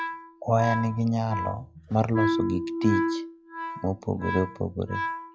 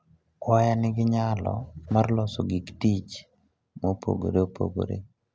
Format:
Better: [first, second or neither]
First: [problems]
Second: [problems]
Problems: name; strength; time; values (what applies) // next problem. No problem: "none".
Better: second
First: noise reduction (classical method log-MMSE)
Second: none